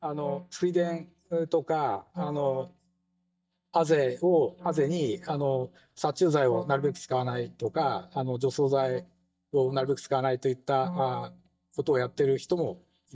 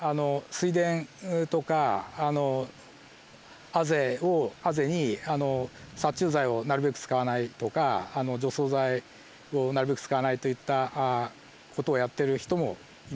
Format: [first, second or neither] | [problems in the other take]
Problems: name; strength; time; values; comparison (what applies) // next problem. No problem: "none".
second | noise reduction (neural mask model DeepFilterNet 3)